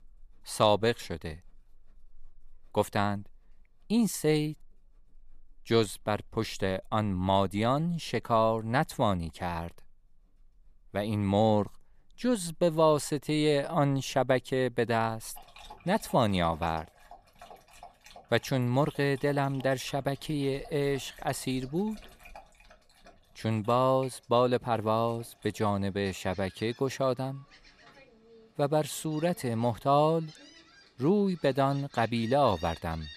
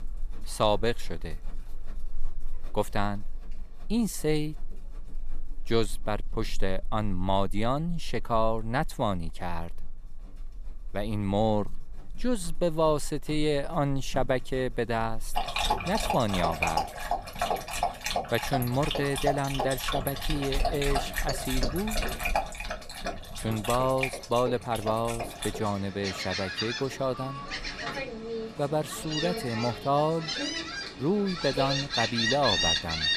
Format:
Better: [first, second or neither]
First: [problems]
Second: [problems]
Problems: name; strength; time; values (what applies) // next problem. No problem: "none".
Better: first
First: animal sounds; faint; throughout; 25 dB below the speech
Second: animal sounds; loud; throughout; 3 dB below the speech